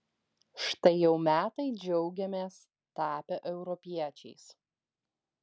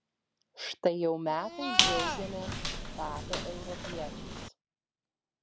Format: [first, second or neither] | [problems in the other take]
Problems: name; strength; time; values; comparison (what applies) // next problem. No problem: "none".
first | background sound (Squeak + Livestock, farm animals, working animals); 3 dB above the speech